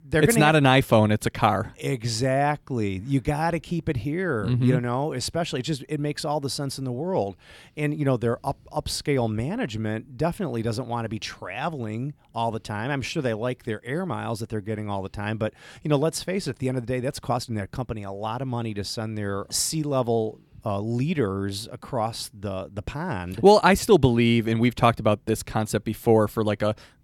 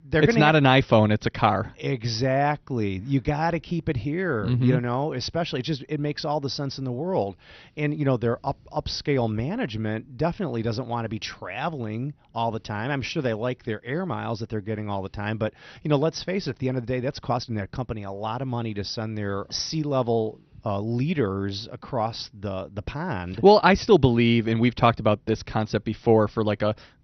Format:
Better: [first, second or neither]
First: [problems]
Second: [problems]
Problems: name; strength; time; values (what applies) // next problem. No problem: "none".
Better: first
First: none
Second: garbled, watery; slightly; nothing above 6 kHz